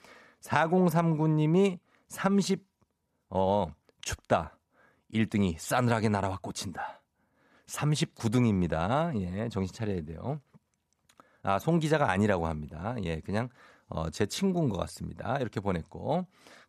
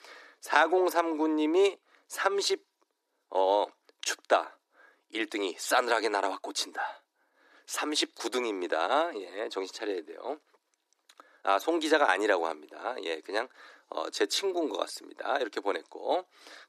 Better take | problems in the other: first | thin; very; fading below 300 Hz

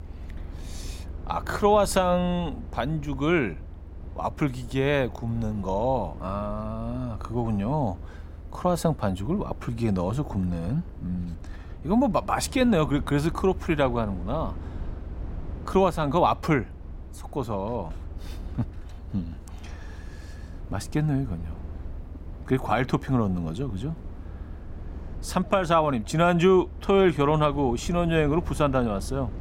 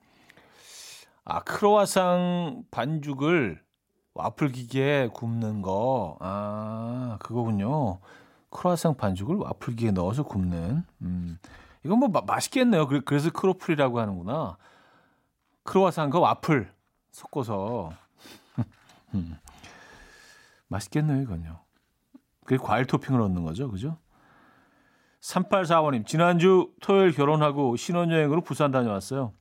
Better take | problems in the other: second | low rumble; faint; throughout; 25 dB below the speech

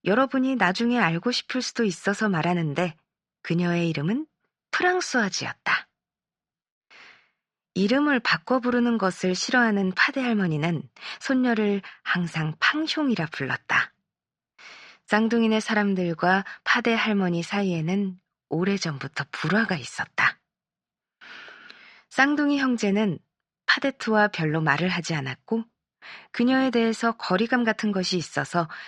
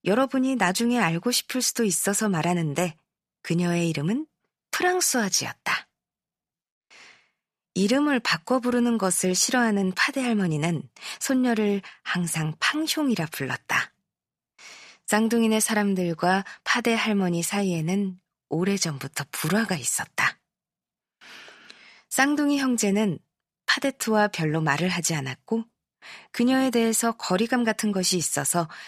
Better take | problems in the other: second | muffled; very slightly; fading above 5 kHz

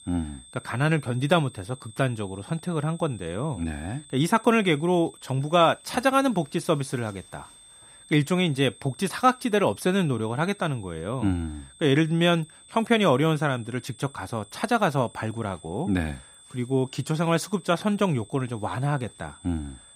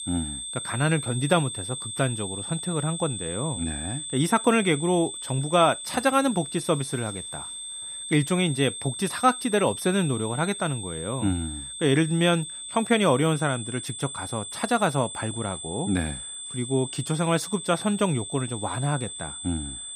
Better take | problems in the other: first | high-pitched whine; loud; throughout; 8.5 kHz, 7 dB below the speech; faint in the first

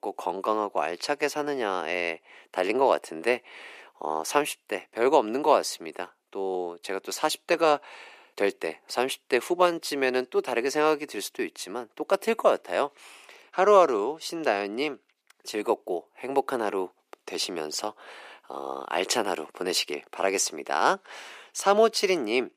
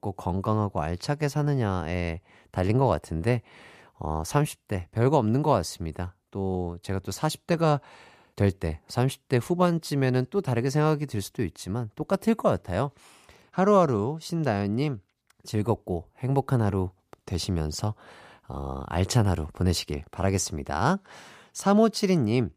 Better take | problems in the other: second | thin; very; fading below 350 Hz

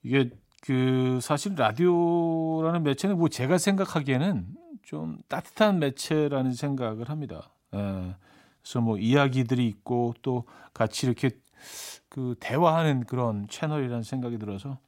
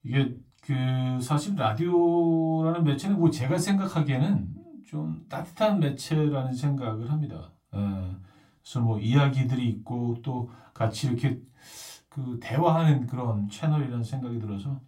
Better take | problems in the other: first | off-mic speech; somewhat distant // room echo; very slight; dies away in 0.2 s

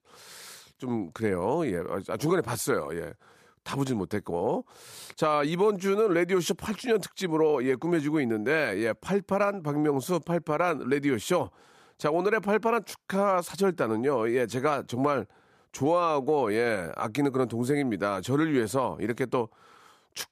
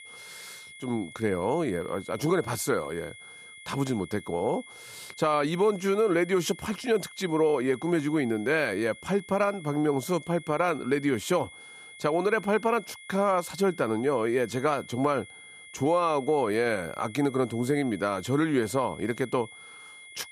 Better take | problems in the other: first | high-pitched whine; noticeable; throughout; 2 kHz, 20 dB below the speech

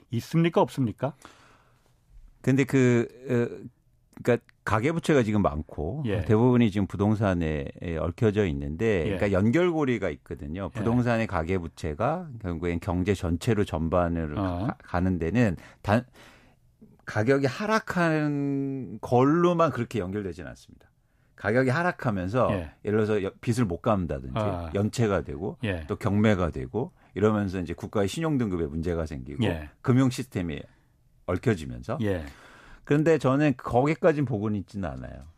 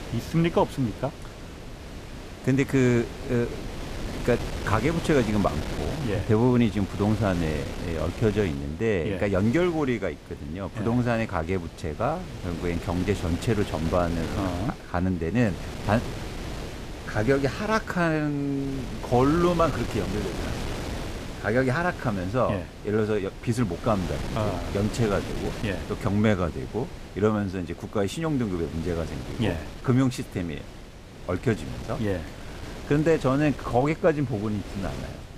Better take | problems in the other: first | wind noise on the microphone; occasional gusts; 10 dB below the speech

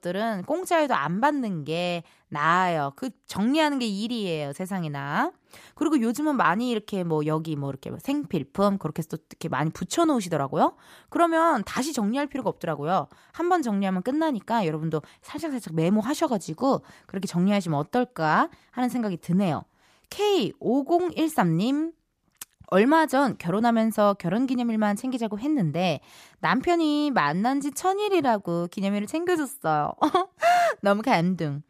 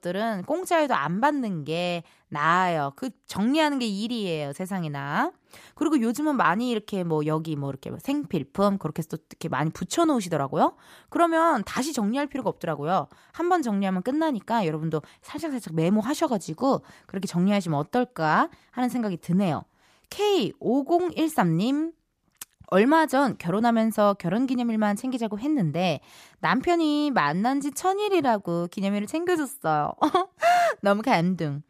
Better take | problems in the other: neither | none

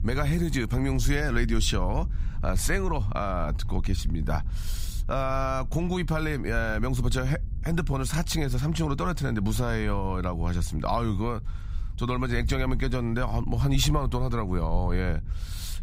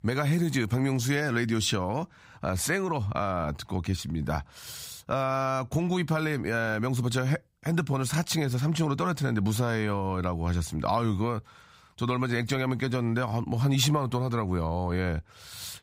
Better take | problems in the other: second | low rumble; faint; throughout; 20 dB below the speech

